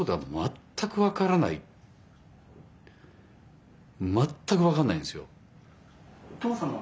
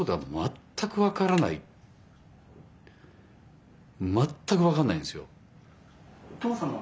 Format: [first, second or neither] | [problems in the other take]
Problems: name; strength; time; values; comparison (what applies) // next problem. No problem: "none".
first | background sound (Telephone); 18 dB below the speech